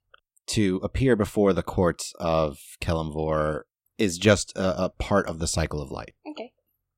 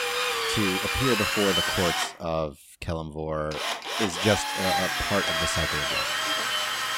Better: first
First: none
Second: machinery noise; very loud; throughout; 4 dB above the speech

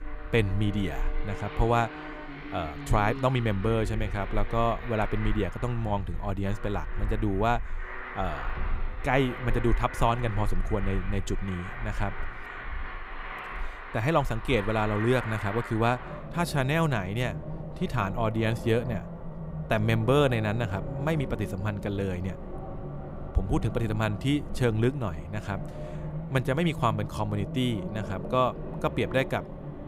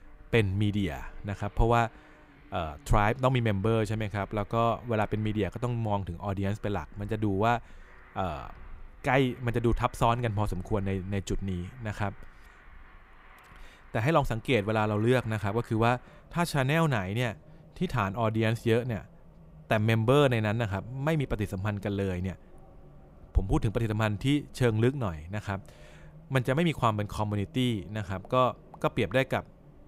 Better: second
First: traffic noise; loud; throughout; 9 dB below the speech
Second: traffic noise; faint; throughout; 25 dB below the speech

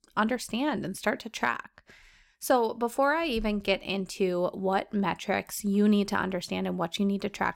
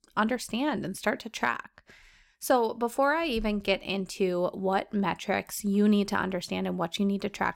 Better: neither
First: none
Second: none

